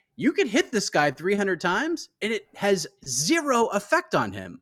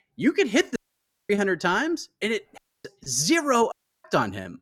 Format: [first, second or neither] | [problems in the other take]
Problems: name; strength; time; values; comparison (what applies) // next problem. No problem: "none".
first | audio cutting out; at 1 s for 0.5 s, at 2.5 s and at 3.5 s